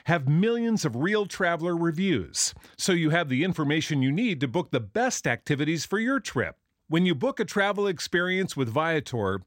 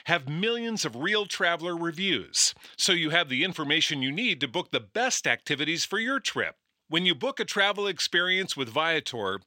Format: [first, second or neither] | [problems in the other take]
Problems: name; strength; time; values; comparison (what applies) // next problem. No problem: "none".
first | thin; somewhat; fading below 450 Hz